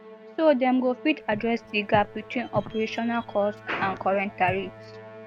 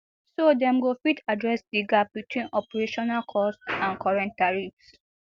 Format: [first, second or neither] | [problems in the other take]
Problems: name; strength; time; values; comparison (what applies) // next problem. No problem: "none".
second | background sound (Musical instrument + Walk, footsteps); 15 dB below the speech